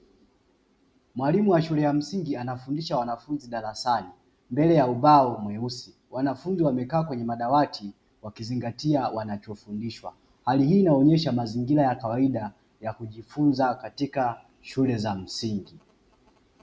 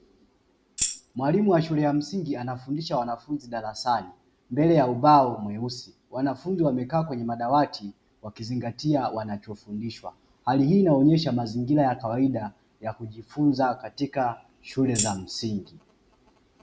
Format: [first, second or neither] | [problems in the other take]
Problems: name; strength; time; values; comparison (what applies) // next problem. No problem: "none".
first | background sound (Tambourine); 5 dB below the speech